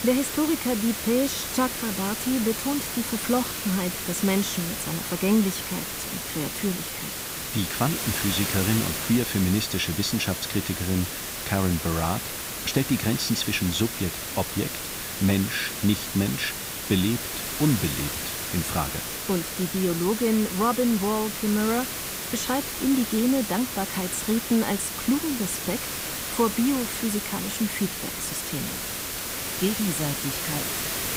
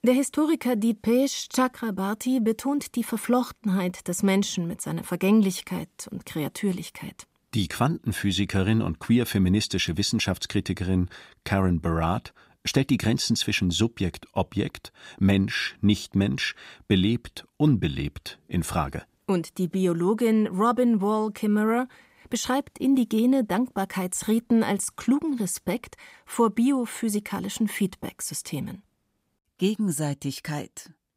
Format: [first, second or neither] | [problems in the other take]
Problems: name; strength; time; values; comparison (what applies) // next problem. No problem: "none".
second | hiss; loud; throughout; 3 dB below the speech